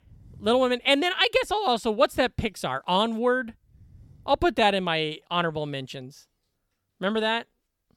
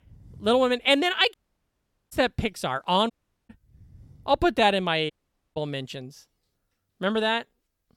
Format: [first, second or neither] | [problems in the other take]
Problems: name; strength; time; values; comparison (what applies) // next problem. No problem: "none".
first | audio cutting out; at 1.5 s for 1 s, at 3 s and at 5 s